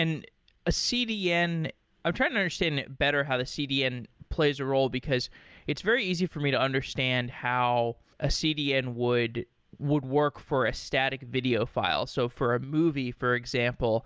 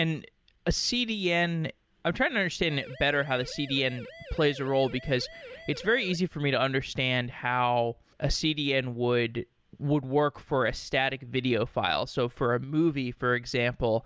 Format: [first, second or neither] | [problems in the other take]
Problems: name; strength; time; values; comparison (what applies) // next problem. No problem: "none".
first | background sound (Siren); 17 dB below the speech